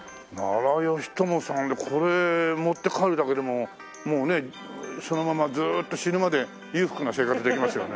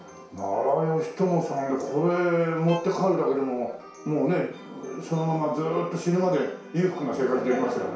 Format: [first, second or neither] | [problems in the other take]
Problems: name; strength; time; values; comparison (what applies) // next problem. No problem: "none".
first | background sound (Bowed string instrument); 18 dB below the speech // room echo; dies away in 0.6 s